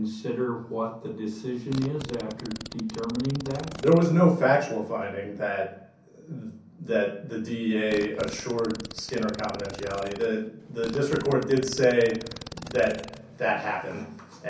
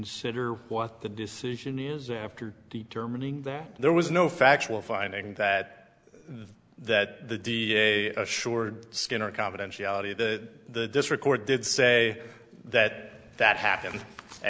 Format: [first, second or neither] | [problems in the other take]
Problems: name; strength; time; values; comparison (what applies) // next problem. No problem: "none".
second | background sound (Fart); 14 dB below the speech // room echo; dies away in 0.6 s